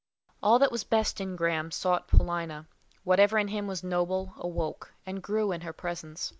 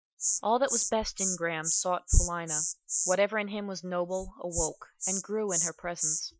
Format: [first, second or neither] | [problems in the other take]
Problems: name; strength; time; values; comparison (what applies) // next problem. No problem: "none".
first | noise reduction (classical method Wiener filter)